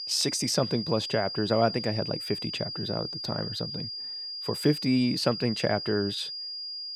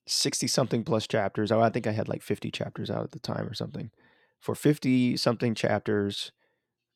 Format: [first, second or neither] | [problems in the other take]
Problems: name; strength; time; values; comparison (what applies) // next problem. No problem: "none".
second | high-pitched whine; loud; throughout; 5 kHz, 5 dB below the speech